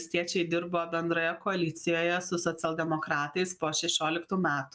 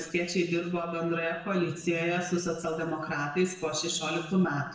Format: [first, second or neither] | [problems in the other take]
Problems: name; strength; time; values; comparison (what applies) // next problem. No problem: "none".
first | noise reduction (neural separator model SepFormer DNS4)